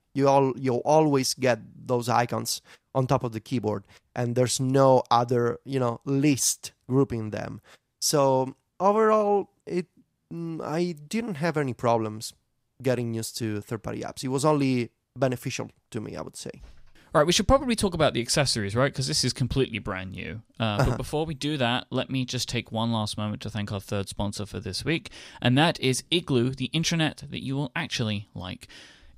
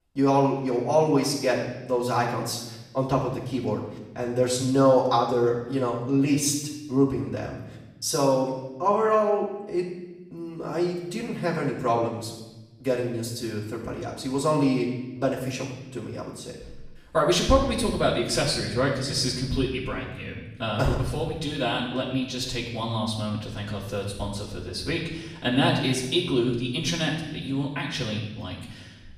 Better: first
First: none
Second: off-mic speech; far // room echo; noticeable; dies away in 1 s

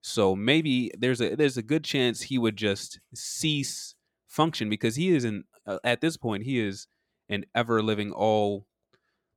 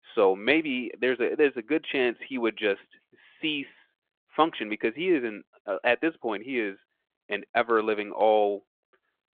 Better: first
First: none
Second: phone-call audio

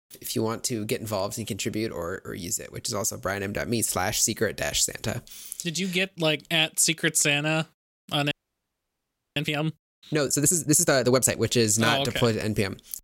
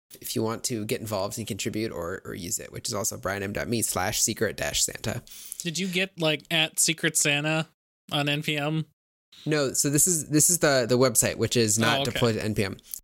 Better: second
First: audio freezing; at 8.5 s for 1 s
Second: none

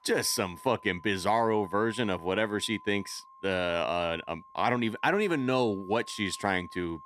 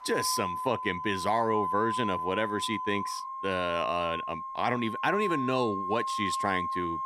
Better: first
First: background music; faint; throughout; 20 dB below the speech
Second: background music; loud; throughout; 3 dB below the speech

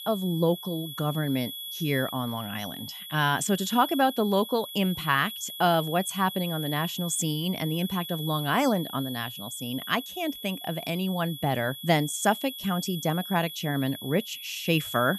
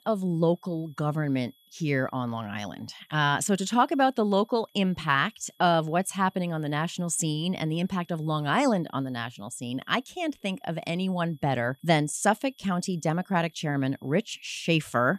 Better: second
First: high-pitched whine; loud; throughout; 3.5 kHz, 9 dB below the speech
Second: high-pitched whine; faint; throughout; 3.5 kHz, 35 dB below the speech

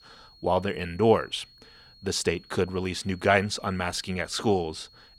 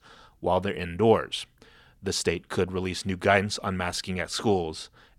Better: second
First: high-pitched whine; faint; throughout; 4.5 kHz, 25 dB below the speech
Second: none

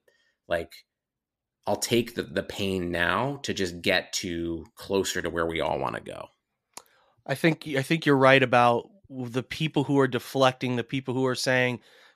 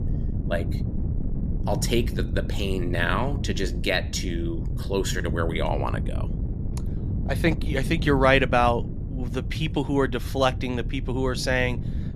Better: first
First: none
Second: wind noise on the microphone; occasional gusts; 15 dB below the speech

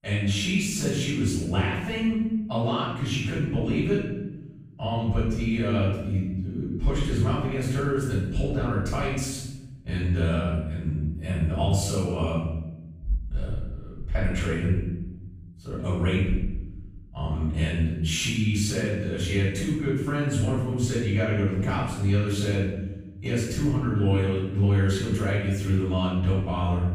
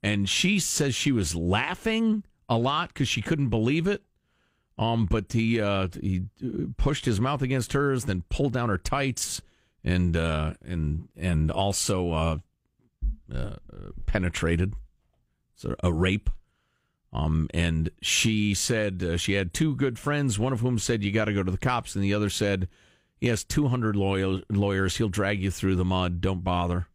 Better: second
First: room echo; strong; dies away in 1.1 s // off-mic speech; far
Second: none

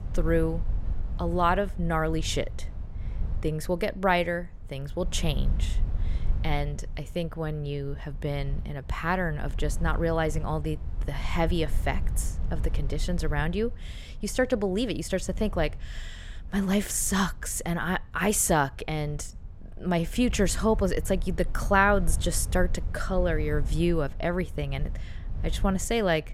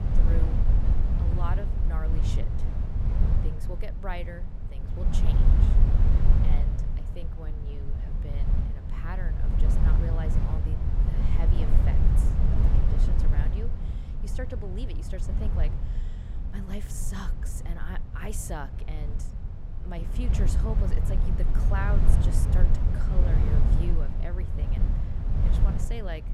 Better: first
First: low rumble; faint; throughout; 20 dB below the speech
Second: low rumble; loud; throughout; as loud as the speech

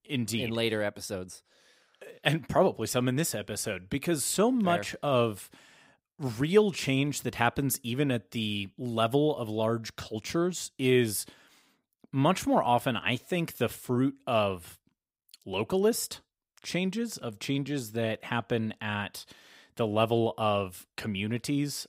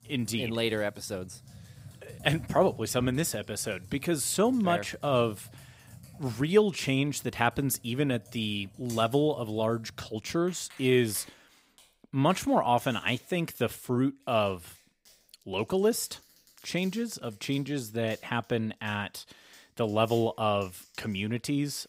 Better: first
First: none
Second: household noises; faint; throughout; 20 dB below the speech

